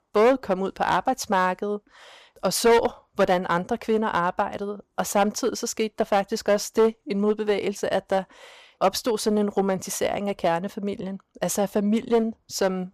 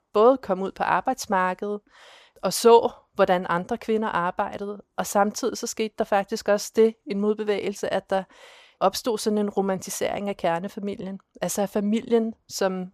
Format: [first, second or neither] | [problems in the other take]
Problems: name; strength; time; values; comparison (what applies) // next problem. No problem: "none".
second | distortion; slight; 4% of the sound clipped